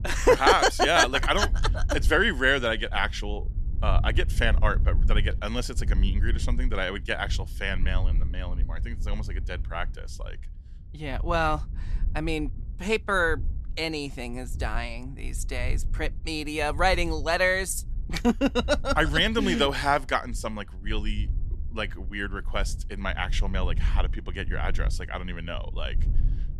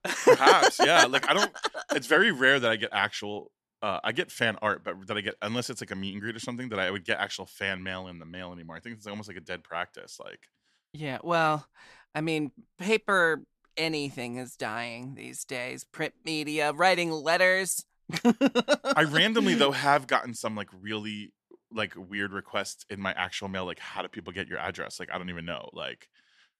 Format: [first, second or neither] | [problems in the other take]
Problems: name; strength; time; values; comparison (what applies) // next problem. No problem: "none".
second | wind noise on the microphone; occasional gusts; 25 dB below the speech